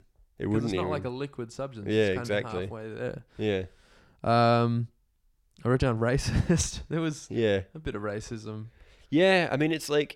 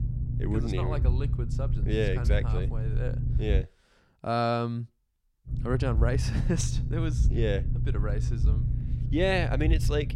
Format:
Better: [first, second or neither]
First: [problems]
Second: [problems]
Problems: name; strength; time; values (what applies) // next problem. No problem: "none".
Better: first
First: none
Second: low rumble; noticeable; until 3.5 s and from 5.5 s on; 10 dB below the speech